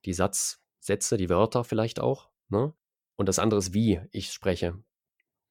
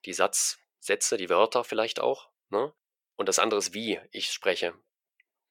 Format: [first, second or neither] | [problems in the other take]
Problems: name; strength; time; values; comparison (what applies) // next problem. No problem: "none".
first | thin; very; fading below 500 Hz